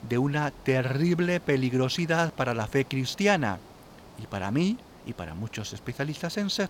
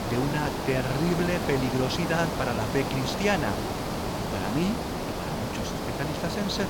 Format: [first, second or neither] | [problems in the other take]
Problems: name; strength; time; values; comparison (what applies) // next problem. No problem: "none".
first | hiss; loud; throughout; 1 dB below the speech; faint in the first